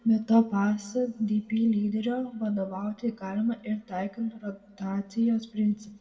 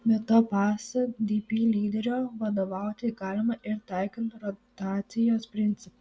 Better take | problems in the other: second | room echo; dies away in 1.1 s

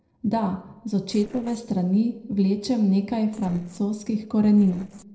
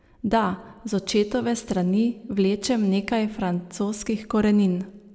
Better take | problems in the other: second | noise reduction (neural separator model SepFormer DNS4)

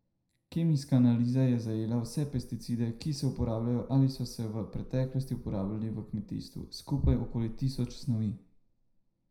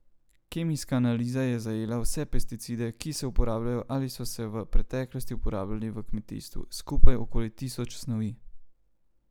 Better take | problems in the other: second | room echo; dies away in 0.5 s

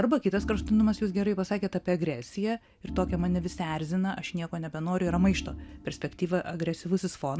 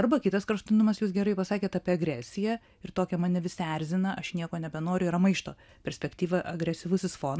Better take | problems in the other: second | background sound (Organ); 12 dB below the speech

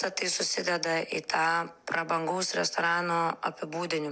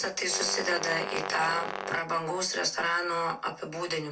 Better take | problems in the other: first | background sound (Brass instrument); 6 dB below the speech // room echo; dies away in 0.2 s

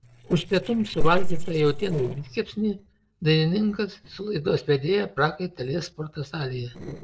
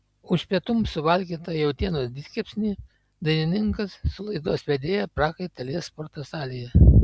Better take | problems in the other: second | noise reduction (neural separator model SepFormer DNS4)

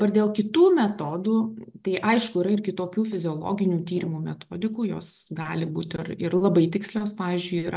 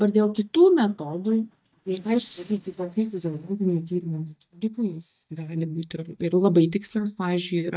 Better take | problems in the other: first | noise reduction (neural mask model DeepFilterNet 3)

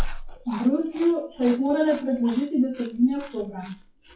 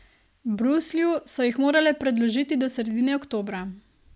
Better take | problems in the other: second | noise reduction (classical method WPE with log-MMSE)

